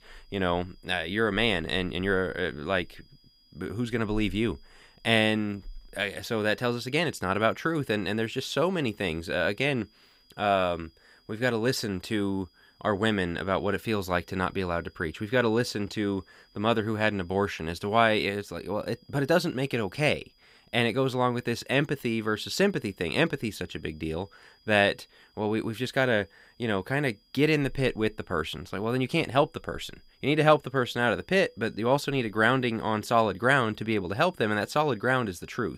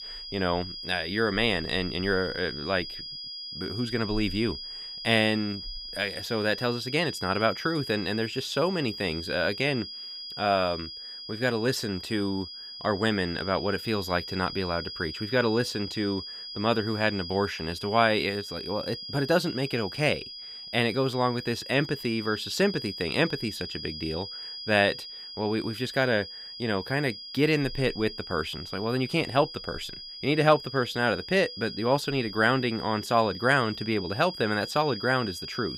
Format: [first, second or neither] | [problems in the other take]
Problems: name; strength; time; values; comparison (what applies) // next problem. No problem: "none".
first | high-pitched whine; loud; throughout; 5 kHz, 9 dB below the speech; faint in the first